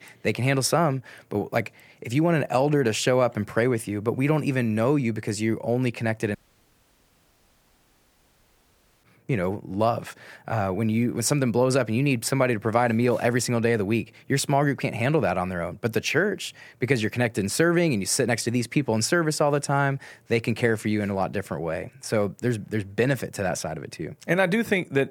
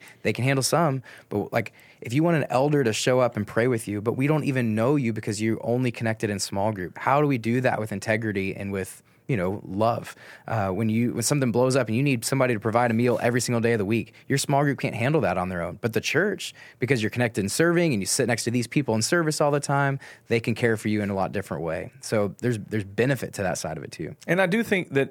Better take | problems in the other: second | audio cutting out; at 6.5 s for 2.5 s

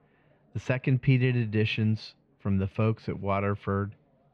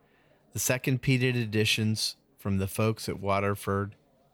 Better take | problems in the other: second | muffled; slightly; fading above 3 kHz

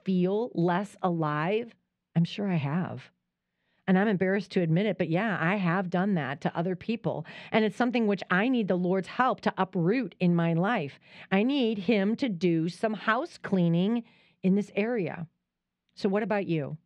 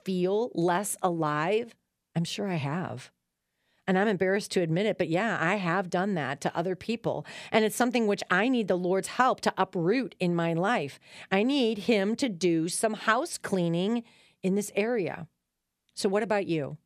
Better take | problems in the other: second | muffled; slightly; fading above 3 kHz

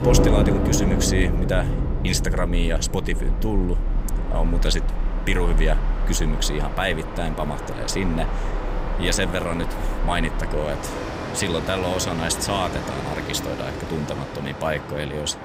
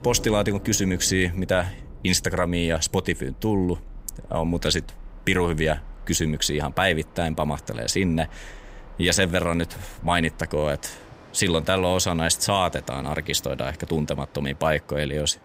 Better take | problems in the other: second | train or aircraft noise; loud; throughout; 1 dB below the speech; faint in the second

